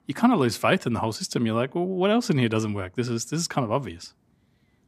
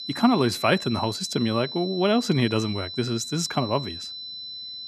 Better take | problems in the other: first | high-pitched whine; loud; throughout; 4 kHz, 9 dB below the speech

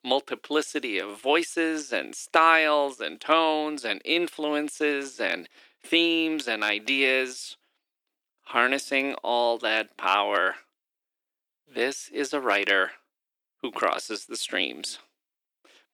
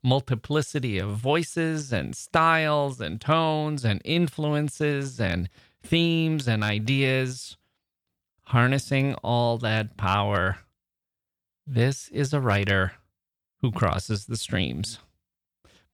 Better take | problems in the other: second | thin; somewhat; fading below 300 Hz

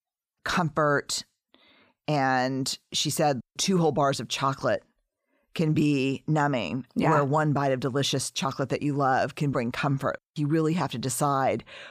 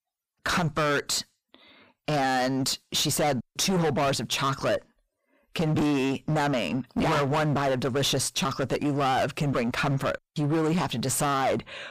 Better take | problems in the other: first | distortion; heavy; 22% of the sound clipped

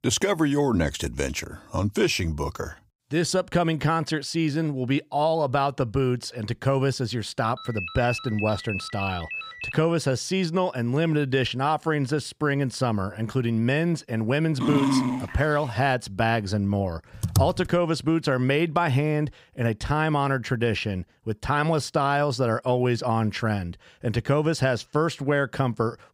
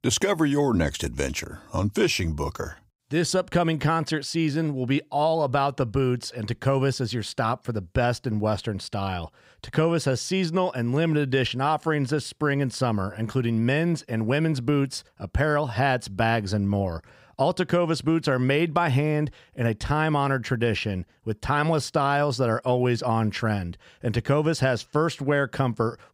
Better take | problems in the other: second | phone ringing; noticeable; from 7.5 to 9.5 s; peak 6 dB below the speech // dog barking; loud; at 15 s; peak 3 dB above the speech // keyboard typing; noticeable; at 17 s; peak 1 dB below the speech

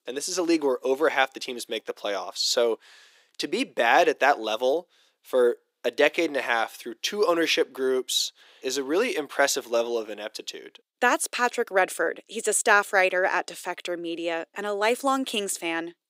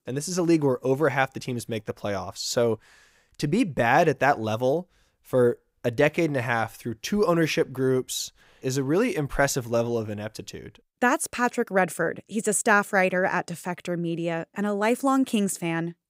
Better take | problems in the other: second | thin; somewhat; fading below 300 Hz

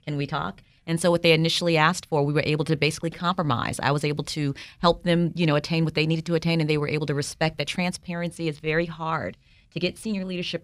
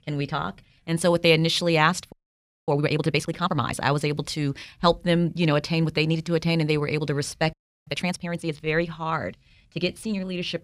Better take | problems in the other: first | audio freezing; at 2 s for 0.5 s and at 7.5 s

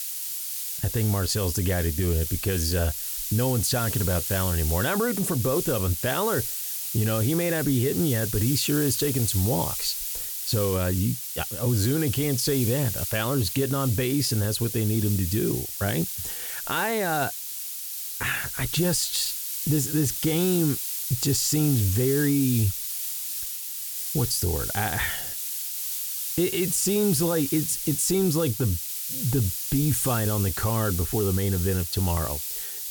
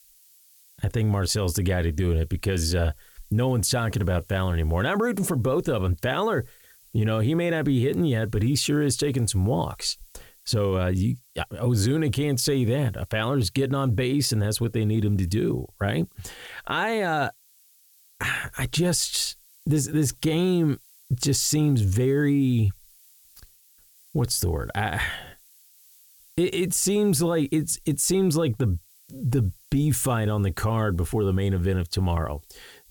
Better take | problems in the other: second | hiss; loud; throughout; 3 dB below the speech; faint in the second

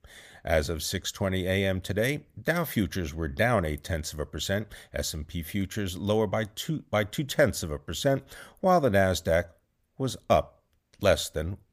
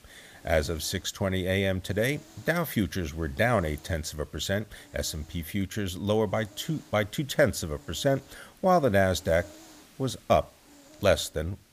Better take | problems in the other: first | hiss; faint; throughout; 25 dB below the speech

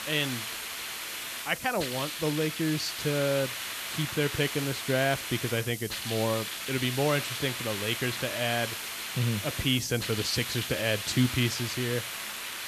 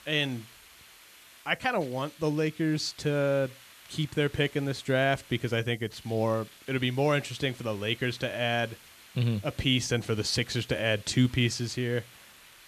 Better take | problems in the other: second | hiss; loud; throughout; 4 dB below the speech; faint in the second

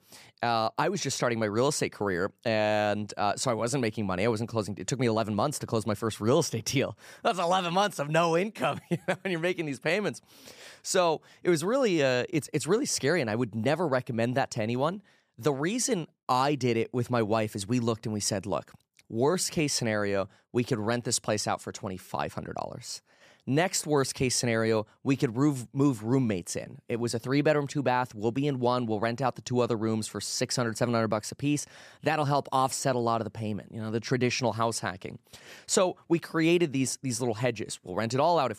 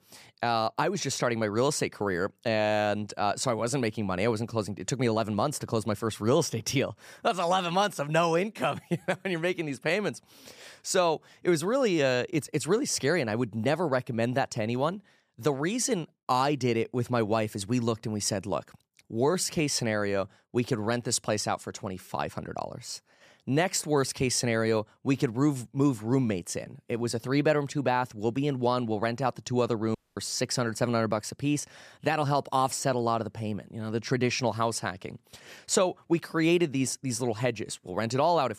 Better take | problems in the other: first | audio cutting out; at 30 s

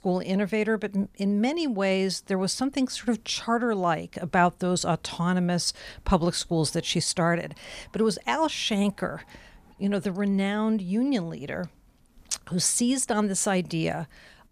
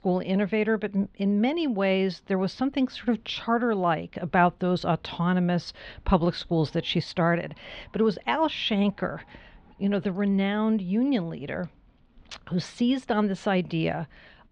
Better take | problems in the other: first | muffled; slightly; fading above 3.5 kHz

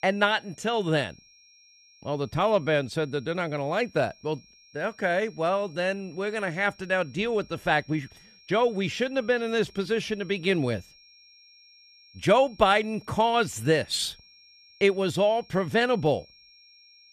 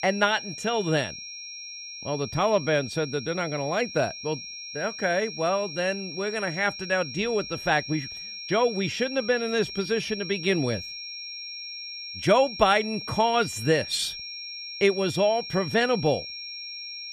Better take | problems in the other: first | high-pitched whine; loud; throughout; 5.5 kHz, 9 dB below the speech; faint in the first

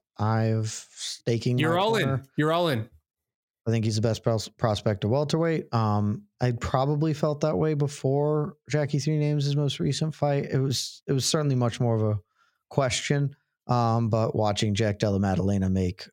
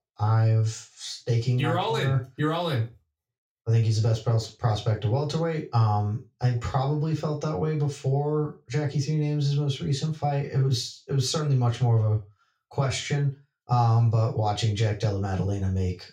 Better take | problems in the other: first | room echo; slight; dies away in 0.3 s // off-mic speech; far

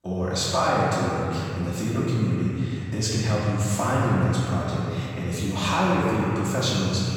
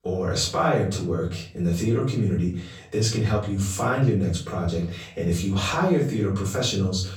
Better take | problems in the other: second | room echo; strong; dies away in 3 s; slight in the second // off-mic speech; far; far in the second

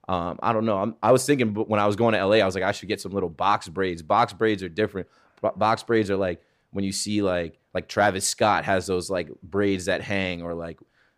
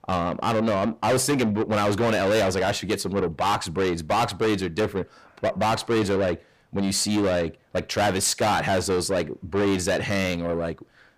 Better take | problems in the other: first | distortion; heavy; 6 dB below the speech

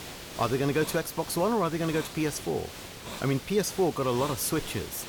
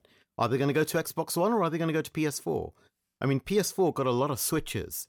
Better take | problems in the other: second | hiss; noticeable; throughout; 10 dB below the speech

